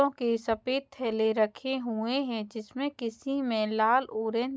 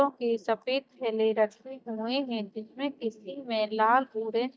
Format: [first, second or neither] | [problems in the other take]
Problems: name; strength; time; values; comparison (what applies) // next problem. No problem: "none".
first | noise reduction (neural mask model DeepFilterNet 3)